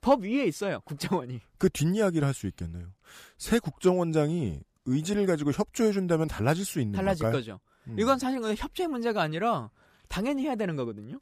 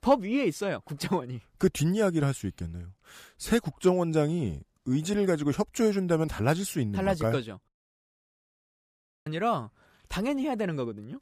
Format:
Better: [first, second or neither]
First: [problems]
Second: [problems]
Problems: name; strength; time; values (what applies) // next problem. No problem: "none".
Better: first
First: none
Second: audio cutting out; at 7.5 s for 1.5 s